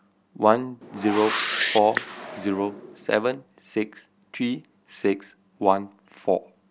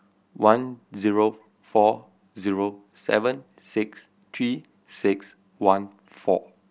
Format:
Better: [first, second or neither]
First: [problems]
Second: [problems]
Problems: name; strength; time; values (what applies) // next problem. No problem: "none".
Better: second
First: background sound (Whoosh, swoosh, swish); 6 dB below the speech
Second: none